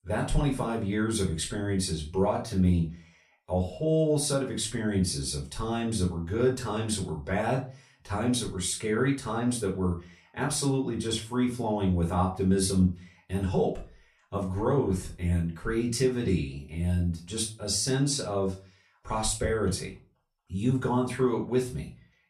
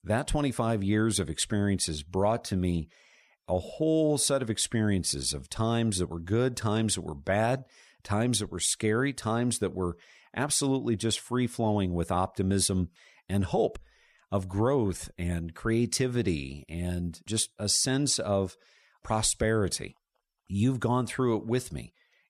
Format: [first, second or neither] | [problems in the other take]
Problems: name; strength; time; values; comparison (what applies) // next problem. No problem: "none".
second | off-mic speech; far // room echo; slight; dies away in 0.3 s